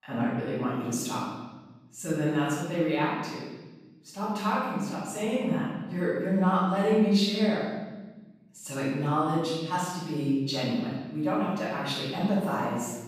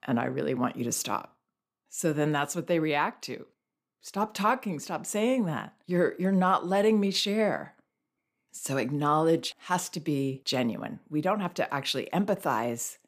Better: second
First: off-mic speech; far // room echo; strong; dies away in 1.4 s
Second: none

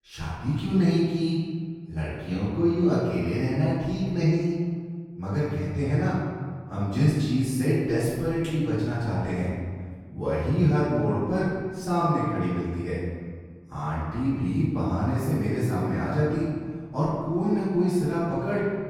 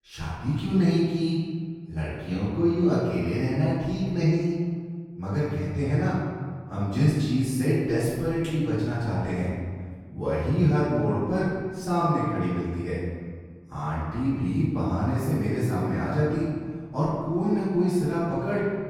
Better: neither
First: room echo; strong; dies away in 1.7 s // off-mic speech; far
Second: room echo; strong; dies away in 1.7 s // off-mic speech; far

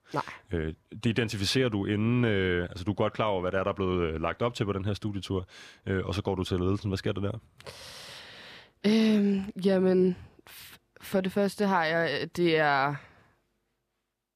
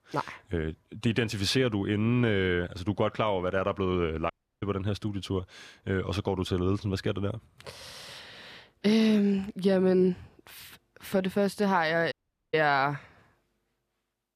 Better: first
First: none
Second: audio cutting out; at 4.5 s and at 12 s

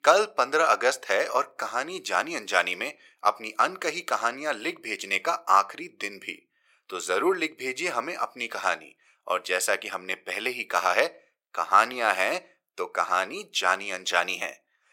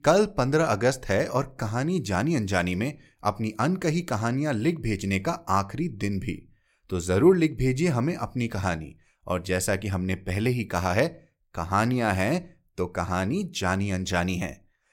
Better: second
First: thin; very; fading below 500 Hz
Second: none

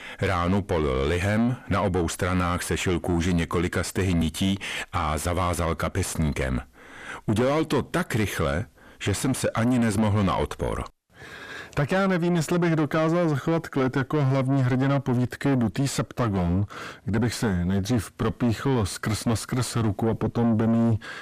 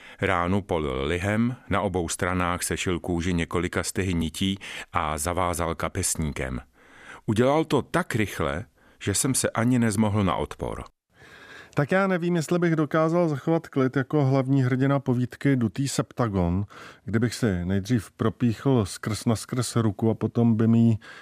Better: second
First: distortion; heavy; 6 dB below the speech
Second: none

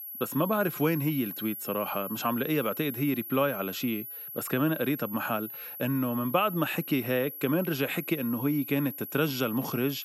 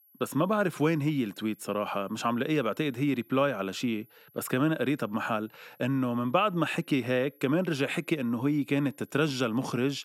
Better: second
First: high-pitched whine; loud; throughout; 11.5 kHz, 8 dB below the speech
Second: high-pitched whine; faint; throughout; 11.5 kHz, 30 dB below the speech

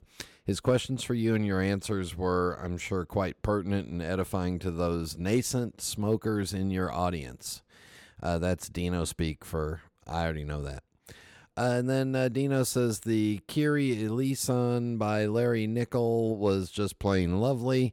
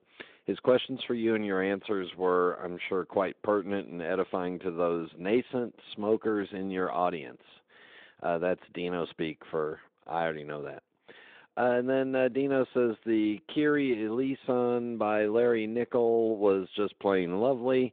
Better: first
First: none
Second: phone-call audio; nothing above 3.5 kHz

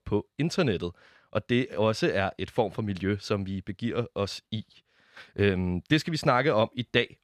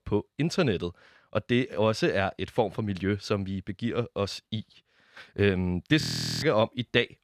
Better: first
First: none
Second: audio freezing; at 6 s

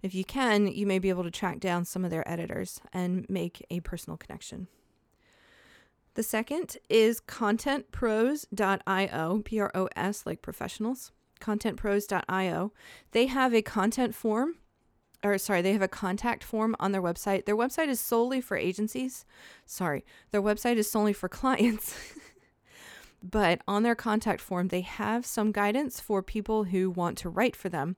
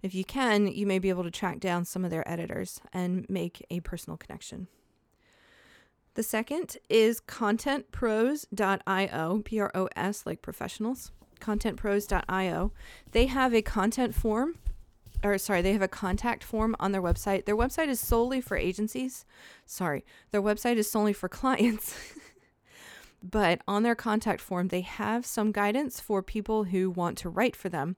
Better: first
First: none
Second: footsteps; noticeable; from 12 to 19 s; peak 6 dB below the speech

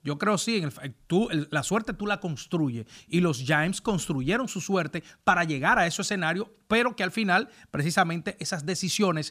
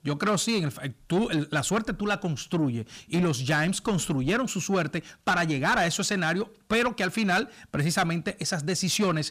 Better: first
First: none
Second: distortion; slight; 10 dB below the speech

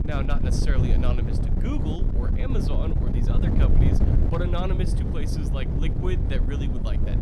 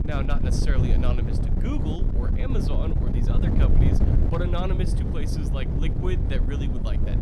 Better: neither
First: wind noise on the microphone; heavy; 1 dB below the speech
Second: wind noise on the microphone; heavy; 1 dB below the speech

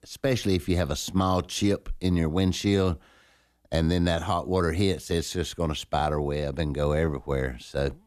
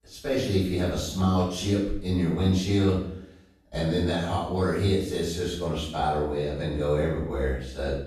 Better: first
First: none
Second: off-mic speech; far // room echo; noticeable; dies away in 0.6 s

